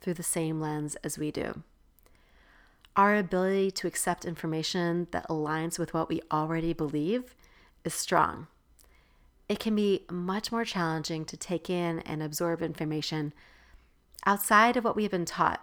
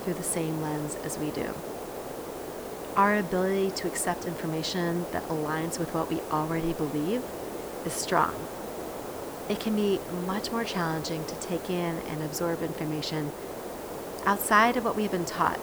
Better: first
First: none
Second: hiss; loud; throughout; 8 dB below the speech

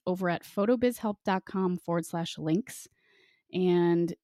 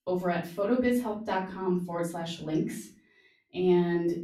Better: first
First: none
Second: off-mic speech; far // room echo; slight; dies away in 0.3 s

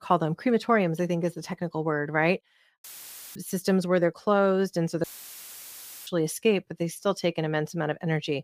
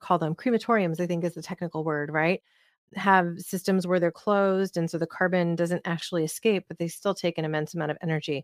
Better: second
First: audio cutting out; filled with static; at 3 s for 0.5 s and at 5 s for 1 s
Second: none

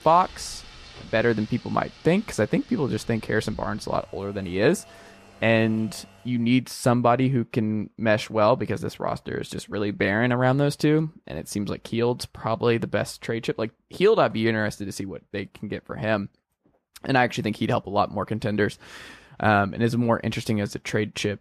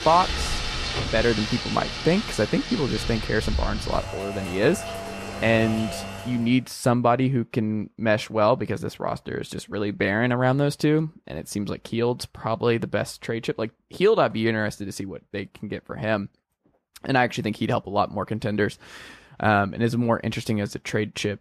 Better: first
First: rain or running water; faint; until 6 s; 20 dB below the speech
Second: rain or running water; loud; until 6 s; 6 dB below the speech

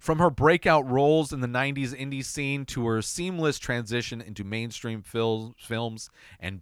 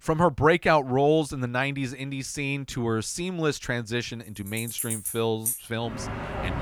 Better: first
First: none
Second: traffic noise; loud; from 5 s on; 5 dB below the speech

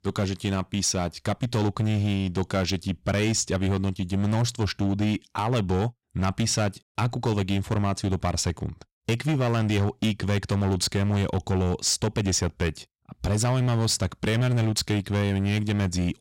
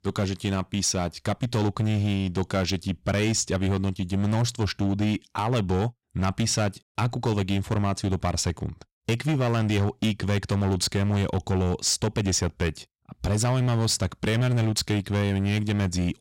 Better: neither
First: distortion; slight; 14% of the sound clipped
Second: distortion; slight; 14% of the sound clipped

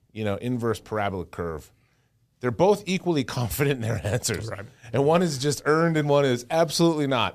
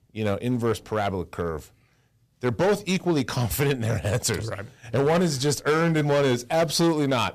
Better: first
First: none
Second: distortion; slight; 8% of the sound clipped

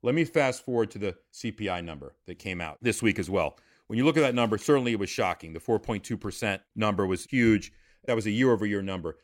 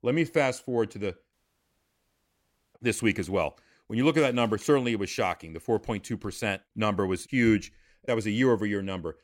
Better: first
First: none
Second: audio cutting out; at 1.5 s for 1.5 s

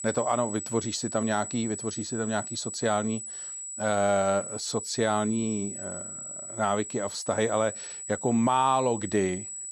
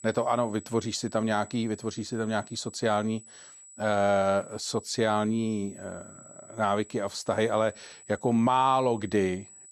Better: second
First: high-pitched whine; loud; throughout; 8 kHz, 7 dB below the speech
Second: high-pitched whine; faint; throughout; 8 kHz, 20 dB below the speech

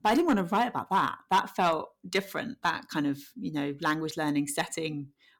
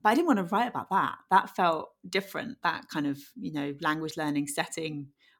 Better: second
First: distortion; slight; 3% of the sound clipped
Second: none

